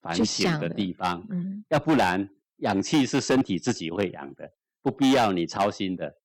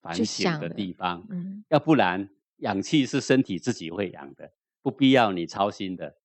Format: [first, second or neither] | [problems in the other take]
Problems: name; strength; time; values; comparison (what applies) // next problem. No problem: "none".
second | distortion; heavy; 6% of the sound clipped